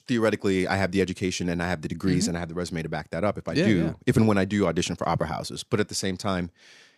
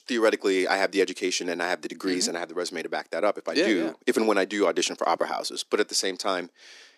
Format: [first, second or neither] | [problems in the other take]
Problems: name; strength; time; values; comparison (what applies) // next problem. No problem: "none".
first | thin; somewhat; fading below 300 Hz